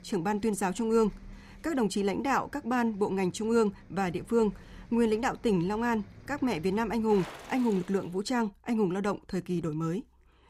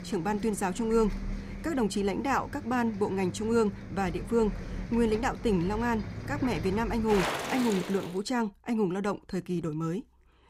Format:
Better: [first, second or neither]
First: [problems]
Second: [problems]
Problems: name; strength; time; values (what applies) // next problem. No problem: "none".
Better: first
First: traffic noise; faint; until 8 s; 20 dB below the speech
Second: traffic noise; loud; until 8 s; 9 dB below the speech